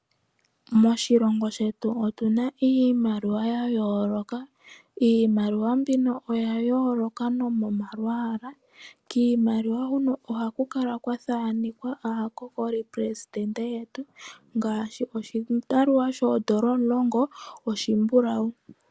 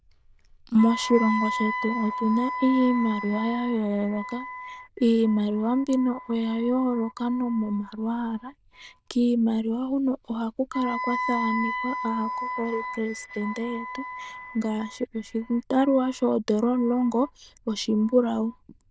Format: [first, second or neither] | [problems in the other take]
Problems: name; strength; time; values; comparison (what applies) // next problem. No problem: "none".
first | noise reduction (neural diffusion model UNIVERSE++)